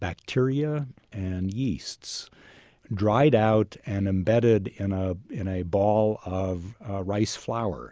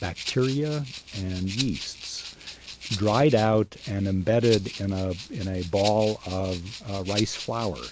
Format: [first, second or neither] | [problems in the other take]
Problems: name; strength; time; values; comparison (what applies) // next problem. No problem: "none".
first | background sound (Rattle (instrument)); 12 dB below the speech